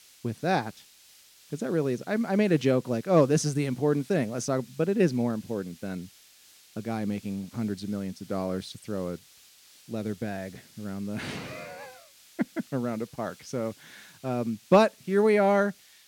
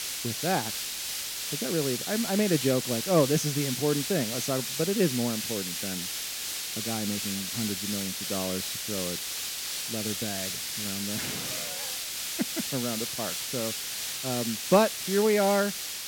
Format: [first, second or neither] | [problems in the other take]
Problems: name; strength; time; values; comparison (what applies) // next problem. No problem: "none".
first | hiss; loud; throughout; 1 dB below the speech; faint in the first